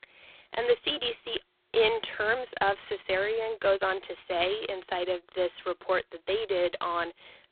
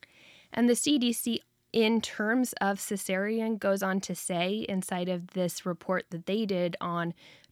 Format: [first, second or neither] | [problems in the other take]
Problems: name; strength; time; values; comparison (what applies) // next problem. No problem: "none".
second | phone-call audio; poor line